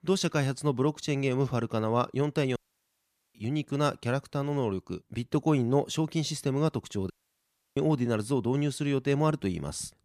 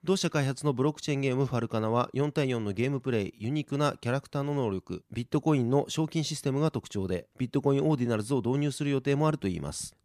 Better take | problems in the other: second | audio cutting out; at 2.5 s for 1 s and at 7 s for 0.5 s

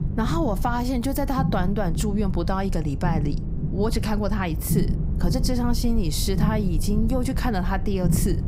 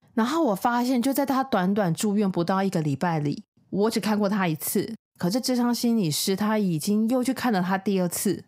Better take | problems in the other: second | low rumble; loud; throughout; 10 dB below the speech

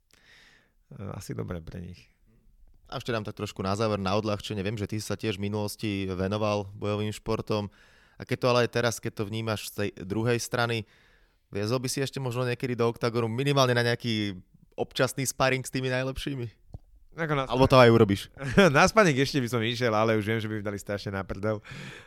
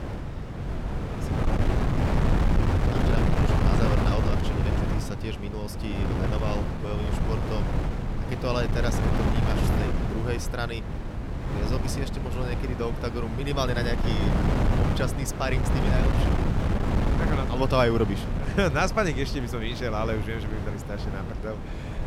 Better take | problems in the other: first | wind noise on the microphone; heavy; 2 dB below the speech

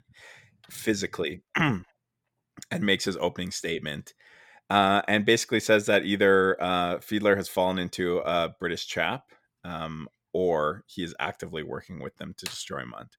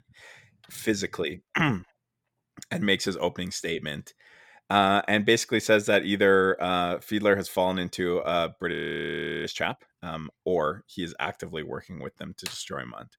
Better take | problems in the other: first | audio freezing; at 8.5 s for 0.5 s

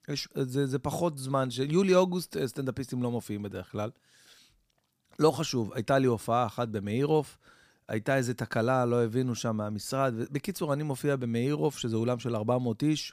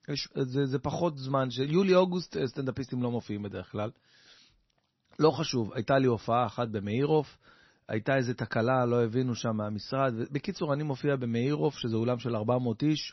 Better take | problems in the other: first | garbled, watery; slightly; nothing above 6 kHz

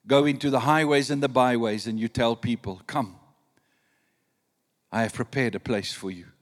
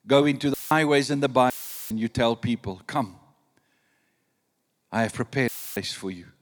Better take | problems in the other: first | audio cutting out; filled with static; at 0.5 s, at 1.5 s and at 5.5 s

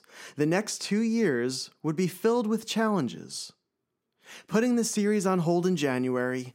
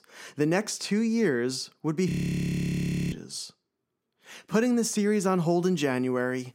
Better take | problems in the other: first | audio freezing; at 2 s for 1 s

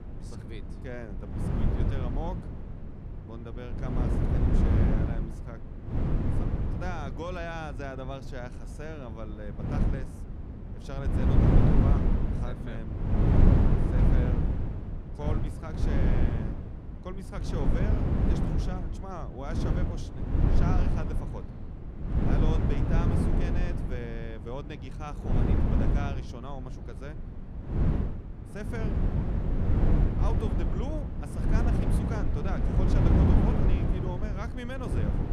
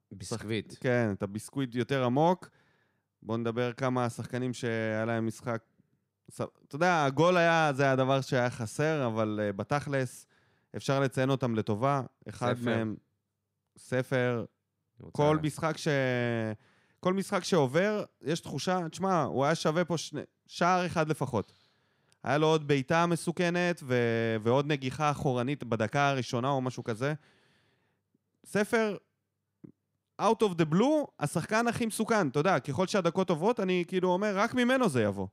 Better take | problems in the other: second | wind noise on the microphone; heavy; 4 dB above the speech

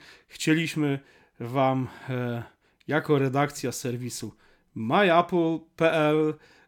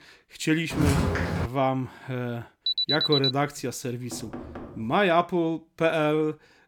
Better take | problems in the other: first | footsteps; loud; at 0.5 s; peak 2 dB above the speech // alarm; loud; at 2.5 s; peak 4 dB above the speech // door banging; faint; at 4 s; peak 10 dB below the speech

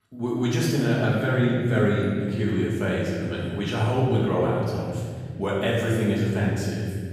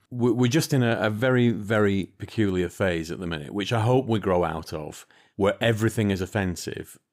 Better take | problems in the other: second | off-mic speech; far // room echo; strong; dies away in 2.5 s

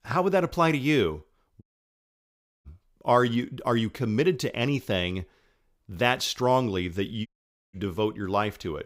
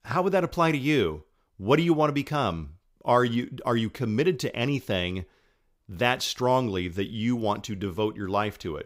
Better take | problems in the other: second | audio cutting out; at 1.5 s for 1 s and at 7.5 s

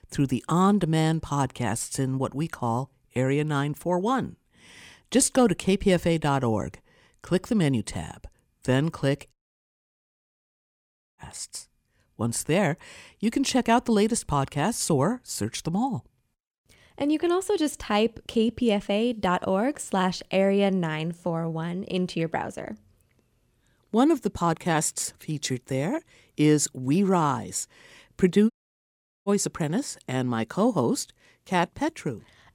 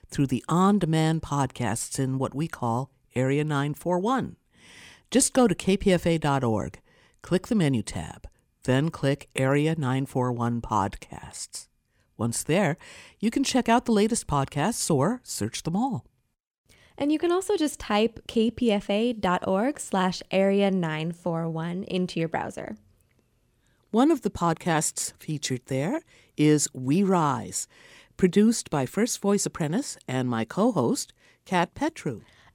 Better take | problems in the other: second | audio cutting out; at 9.5 s for 2 s and at 29 s for 1 s

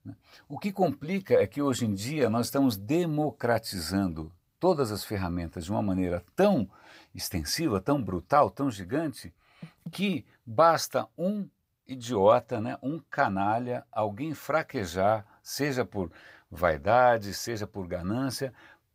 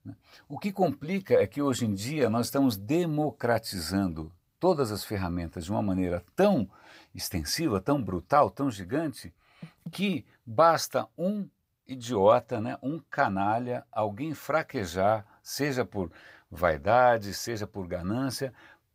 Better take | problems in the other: neither | none

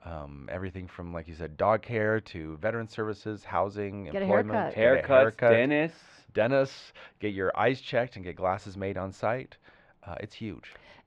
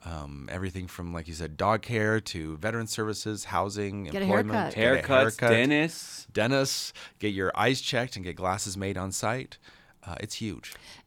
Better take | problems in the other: second | muffled; very; fading above 2.5 kHz

